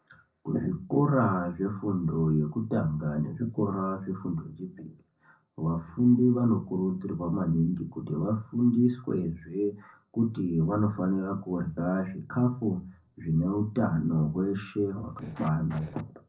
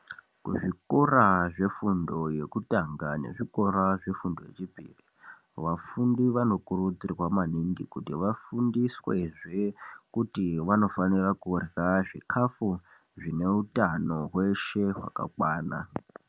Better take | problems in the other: second | noise reduction (neural separator model SepFormer DNS4)

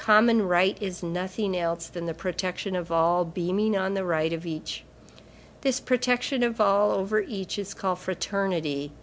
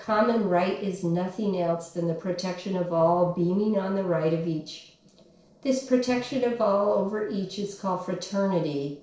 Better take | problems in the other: first | noise reduction (neural separator model SepFormer DNS4)

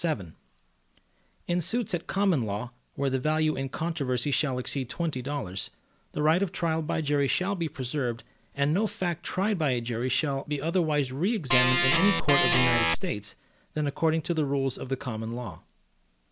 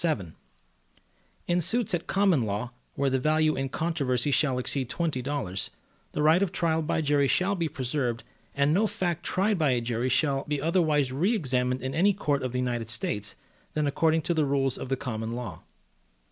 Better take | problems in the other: second | background sound (Organ); 4 dB above the speech

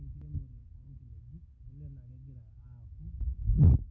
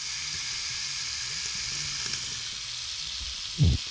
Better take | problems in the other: first | noise reduction (neural mask model RNNoise)

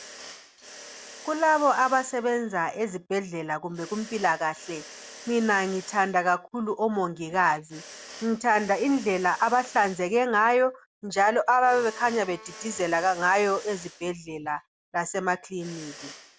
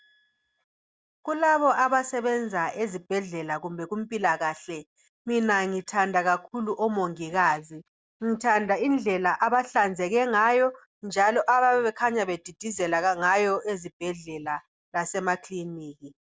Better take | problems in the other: second | background sound (Mechanisms + Bowed string instrument); 20 dB below the speech

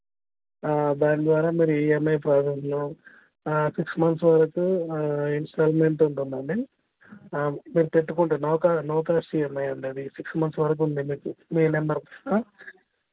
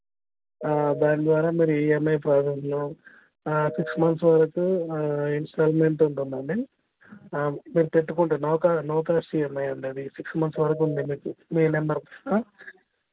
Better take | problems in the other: first | background sound (Telephone); 13 dB below the speech

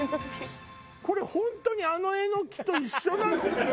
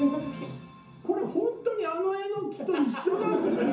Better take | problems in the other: first | room echo; dies away in 0.9 s

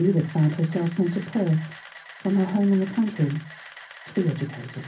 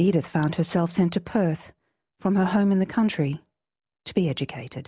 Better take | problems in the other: second | background sound (Camera); 19 dB below the speech // room echo; dies away in 0.4 s

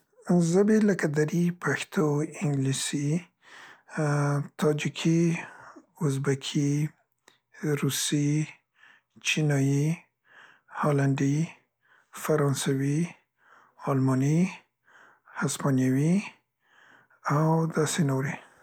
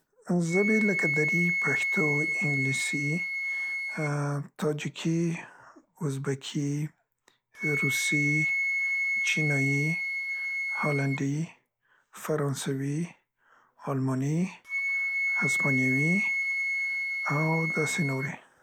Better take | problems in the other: first | background sound (Wind instrument, woodwind instrument); as loud as the speech

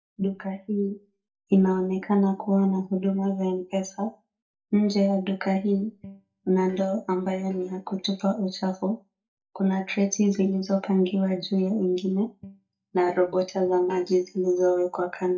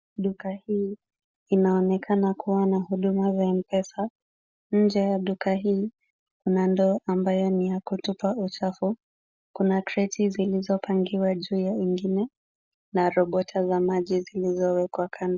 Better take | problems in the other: second | noise reduction (neural mask model DeepFilterNet 3)

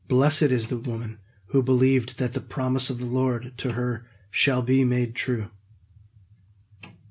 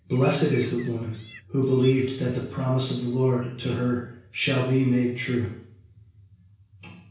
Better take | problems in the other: first | background sound (Bird); 18 dB below the speech // room echo; dies away in 0.7 s

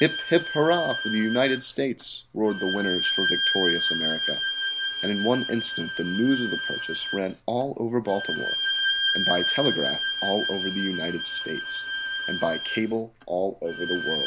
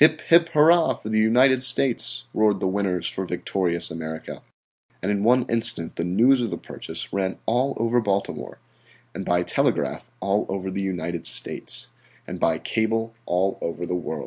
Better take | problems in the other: second | background sound (Bowed string instrument); 1 dB below the speech

